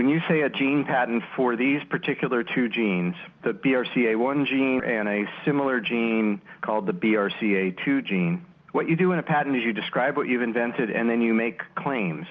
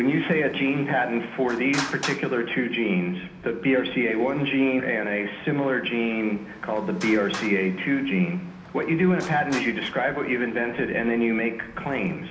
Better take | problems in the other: first | background sound (Traffic noise, roadway noise); 17 dB below the speech // room echo; dies away in 0.8 s

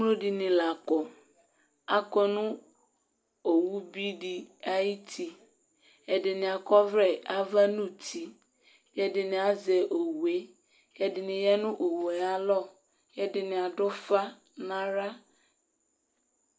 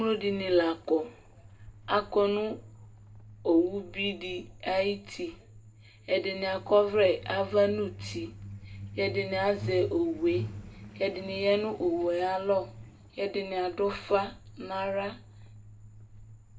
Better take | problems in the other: first | background sound (Truck); 15 dB below the speech // room echo; dies away in 0.2 s

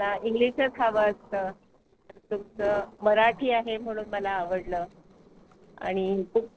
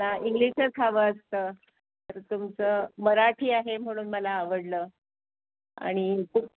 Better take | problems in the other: second | noise reduction (neural separator model SepFormer DNS4)

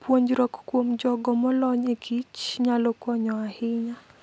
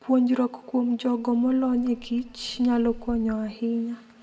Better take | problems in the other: first | background sound (Insect); 20 dB below the speech // room echo; dies away in 1.1 s

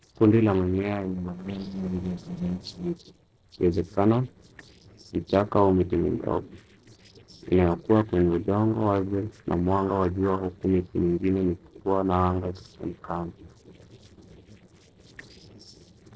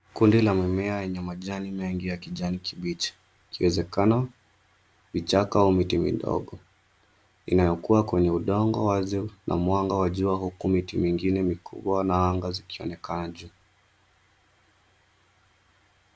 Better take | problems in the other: second | noise reduction (neural separator model SepFormer DNS4)

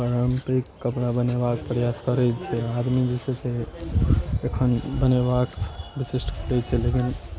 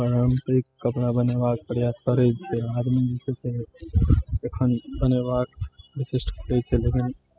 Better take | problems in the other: first | noise reduction (classical method spectral subtraction)

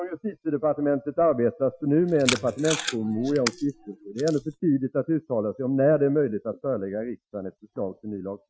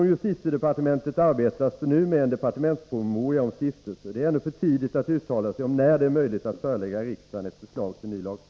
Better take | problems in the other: second | noise reduction (classical method Wiener filter)

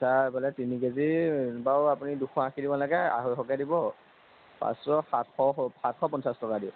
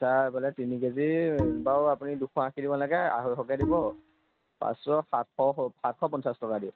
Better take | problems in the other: first | noise reduction (neural mask model RNNoise)

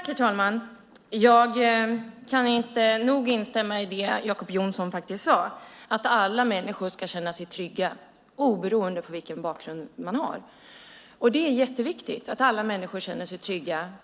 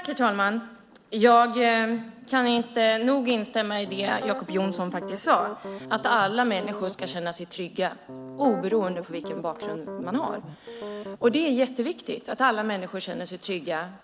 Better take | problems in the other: first | background sound (Piano); 11 dB below the speech

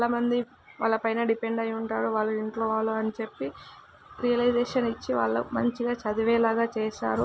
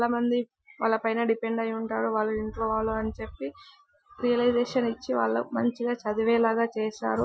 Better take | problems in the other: first | noise reduction (classical method Wiener filter)

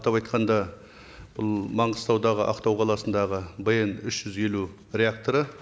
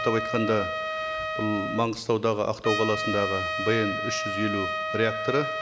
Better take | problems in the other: first | background sound (Trumpet); 3 dB below the speech

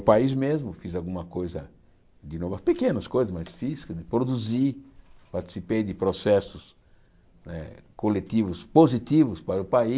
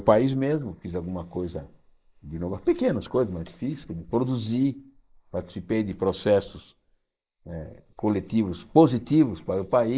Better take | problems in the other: first | noise reduction (neural mask model Resemble Enhance denoiser)

